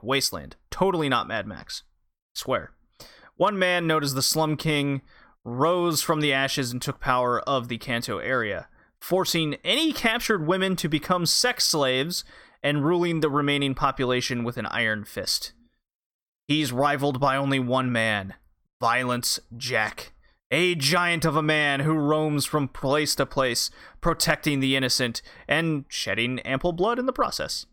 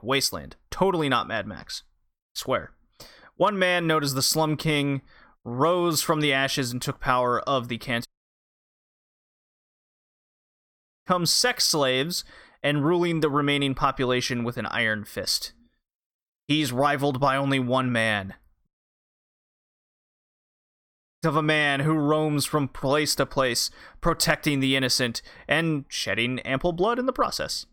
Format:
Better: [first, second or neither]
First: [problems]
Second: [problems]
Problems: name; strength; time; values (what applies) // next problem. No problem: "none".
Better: first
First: none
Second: audio cutting out; at 8 s for 3 s and at 19 s for 2.5 s